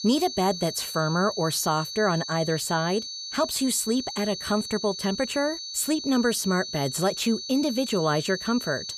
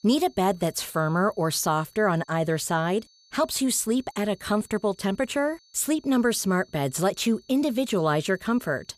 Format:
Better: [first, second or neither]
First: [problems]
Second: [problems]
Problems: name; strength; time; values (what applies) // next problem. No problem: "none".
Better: second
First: high-pitched whine; loud; throughout; 4.5 kHz, 7 dB below the speech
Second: high-pitched whine; faint; throughout; 4.5 kHz, 30 dB below the speech